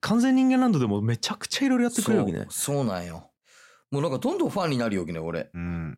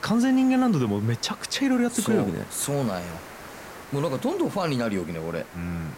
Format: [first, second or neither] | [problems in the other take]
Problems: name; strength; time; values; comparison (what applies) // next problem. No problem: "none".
first | hiss; noticeable; throughout; 15 dB below the speech